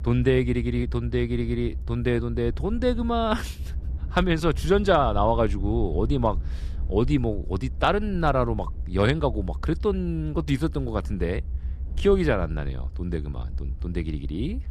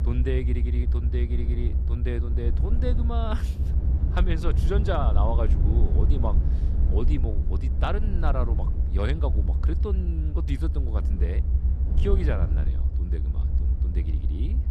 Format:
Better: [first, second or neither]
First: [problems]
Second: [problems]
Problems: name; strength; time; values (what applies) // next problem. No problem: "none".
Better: first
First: low rumble; faint; throughout; 25 dB below the speech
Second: low rumble; loud; throughout; 7 dB below the speech